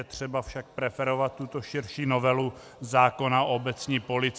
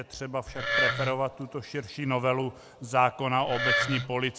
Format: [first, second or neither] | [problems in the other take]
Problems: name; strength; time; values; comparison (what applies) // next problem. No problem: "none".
first | background sound (Wood); as loud as the speech